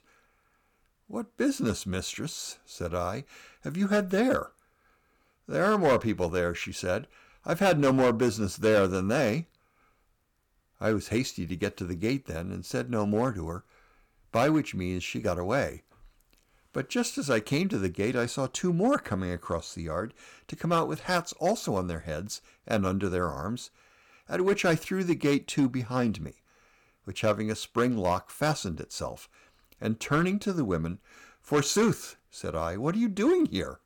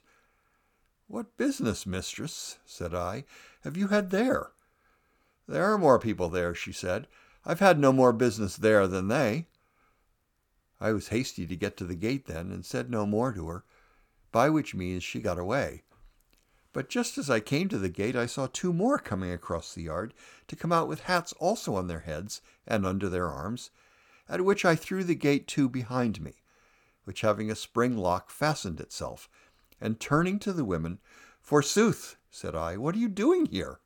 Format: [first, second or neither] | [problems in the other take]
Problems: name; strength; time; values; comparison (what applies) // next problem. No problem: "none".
second | distortion; slight; 2% of the sound clipped